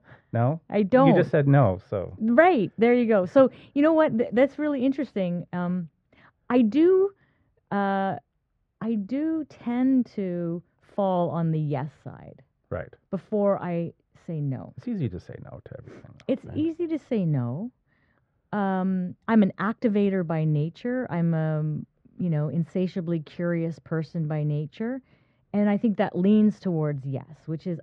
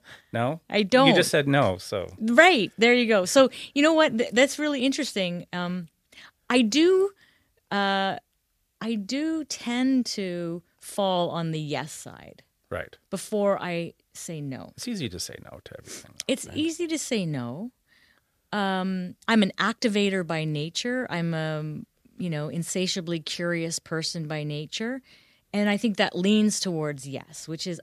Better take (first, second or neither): second